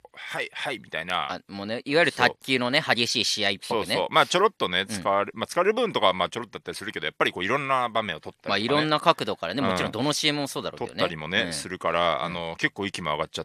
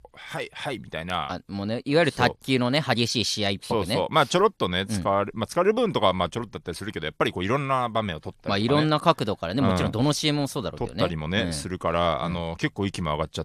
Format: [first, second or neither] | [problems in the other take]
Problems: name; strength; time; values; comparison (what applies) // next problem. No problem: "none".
second | thin; very slightly; fading below 350 Hz